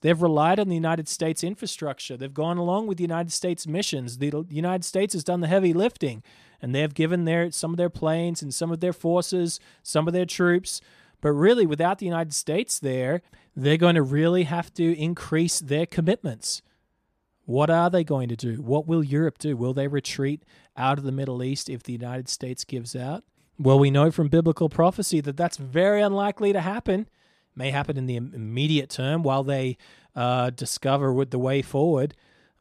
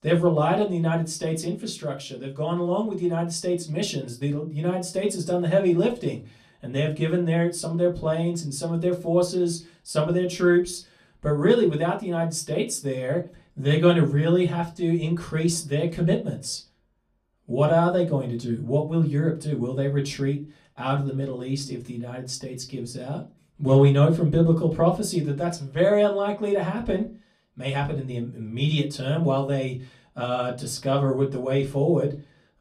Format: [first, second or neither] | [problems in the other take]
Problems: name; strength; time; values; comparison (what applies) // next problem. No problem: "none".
first | off-mic speech; far // room echo; very slight; dies away in 0.2 s